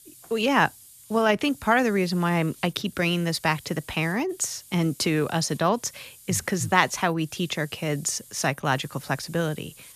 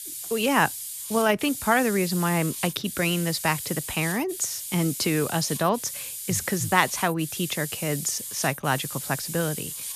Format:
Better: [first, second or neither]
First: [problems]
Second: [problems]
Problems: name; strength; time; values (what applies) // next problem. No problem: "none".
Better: first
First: hiss; faint; throughout; 20 dB below the speech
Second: hiss; loud; throughout; 7 dB below the speech